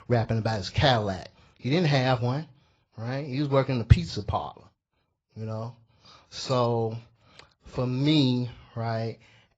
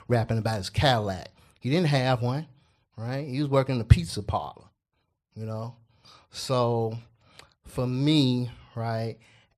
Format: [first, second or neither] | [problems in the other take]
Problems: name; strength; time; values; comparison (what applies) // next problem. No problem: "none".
second | garbled, watery; badly; nothing above 7.5 kHz